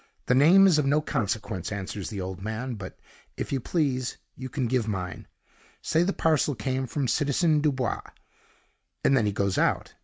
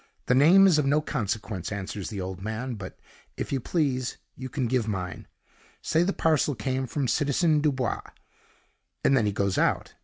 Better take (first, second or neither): second